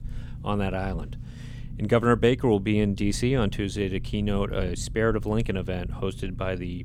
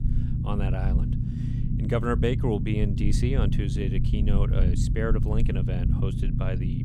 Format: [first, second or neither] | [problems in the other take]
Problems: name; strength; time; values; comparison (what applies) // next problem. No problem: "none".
first | low rumble; loud; throughout; 5 dB below the speech; faint in the first